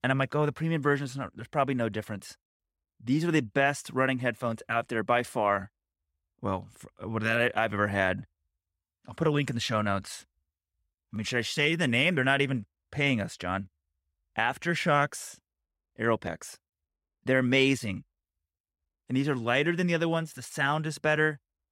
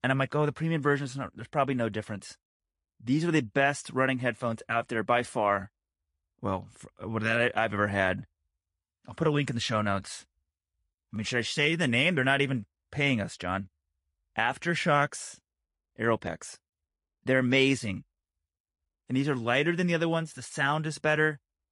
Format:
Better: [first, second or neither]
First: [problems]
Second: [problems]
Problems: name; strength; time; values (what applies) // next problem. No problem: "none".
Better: first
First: none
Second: garbled, watery; slightly